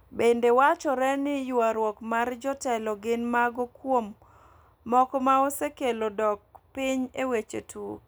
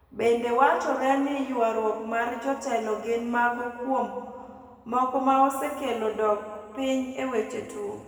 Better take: first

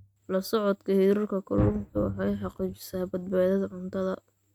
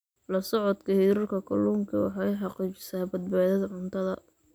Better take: second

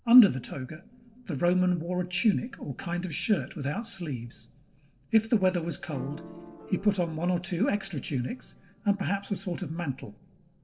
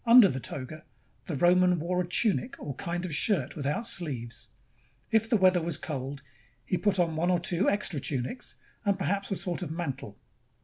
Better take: second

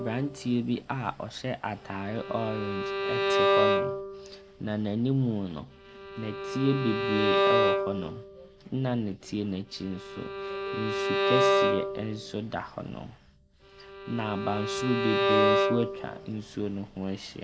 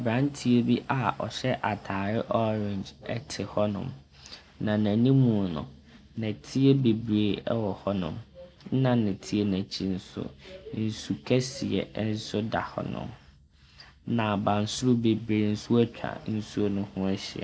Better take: second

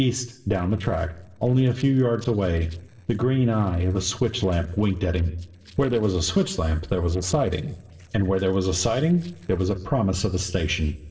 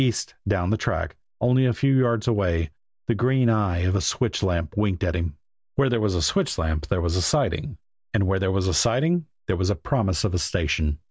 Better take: second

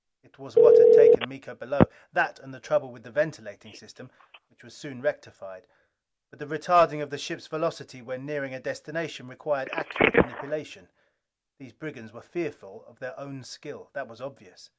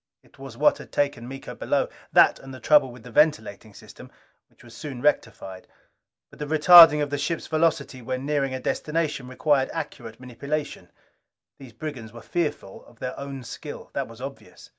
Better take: second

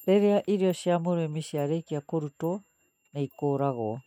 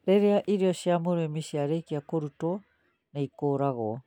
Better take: second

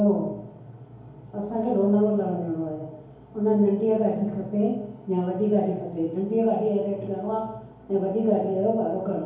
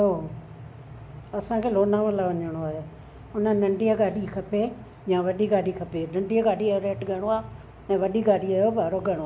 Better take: second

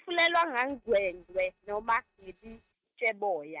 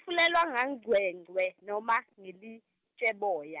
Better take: second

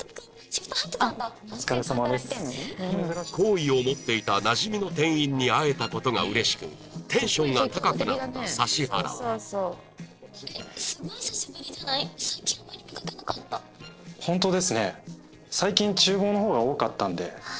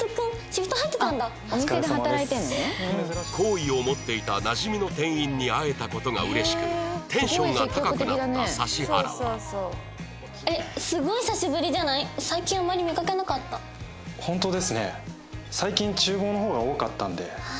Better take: second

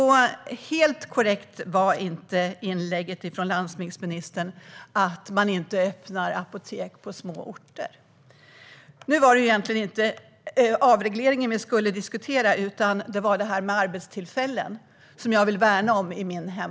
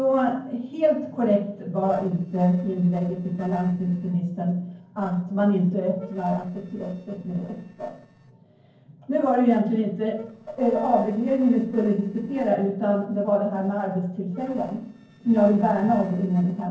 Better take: first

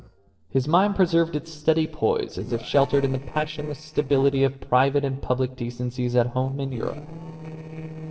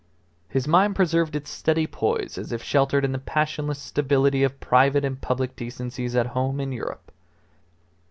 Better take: second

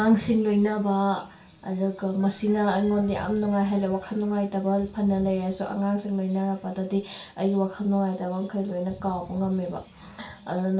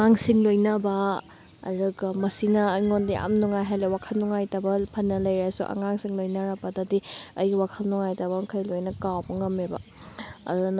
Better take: second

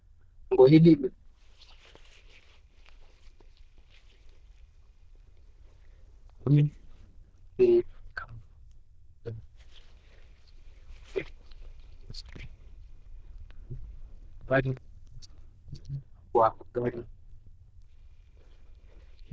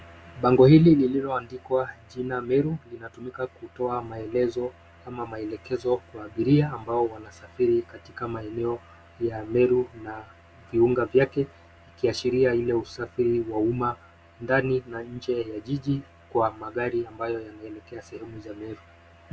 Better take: second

